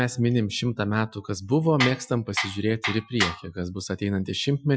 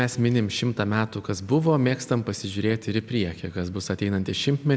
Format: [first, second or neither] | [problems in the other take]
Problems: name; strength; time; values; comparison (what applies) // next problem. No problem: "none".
second | noise reduction (classical method Wiener filter)